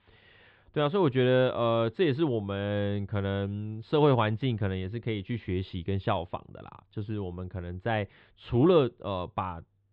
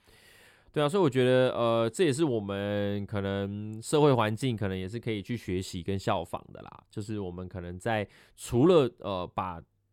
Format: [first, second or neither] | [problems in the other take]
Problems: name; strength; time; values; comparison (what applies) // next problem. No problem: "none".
second | muffled; very; fading above 3.5 kHz